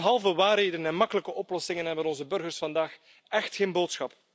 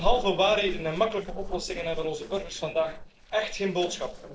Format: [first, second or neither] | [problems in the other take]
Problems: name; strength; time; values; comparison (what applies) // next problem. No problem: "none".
first | noise reduction (neural separator model SepFormer DNS4)